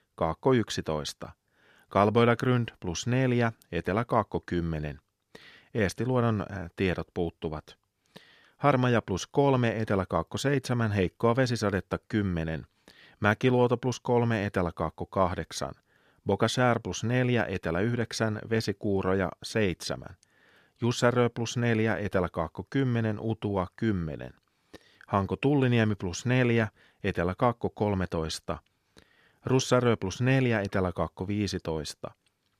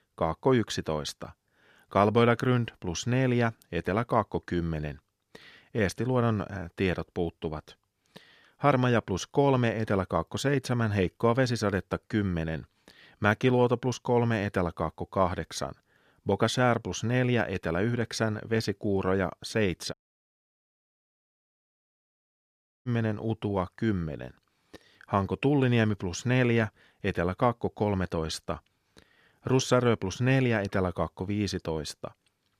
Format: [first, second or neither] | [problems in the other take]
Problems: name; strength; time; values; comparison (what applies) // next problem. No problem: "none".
first | audio cutting out; at 20 s for 3 s